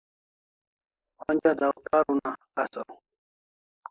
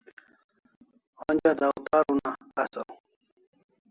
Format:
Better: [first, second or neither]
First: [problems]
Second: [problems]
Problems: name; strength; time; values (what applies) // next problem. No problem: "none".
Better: second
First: noise reduction (neural mask model Resemble Enhance denoiser)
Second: none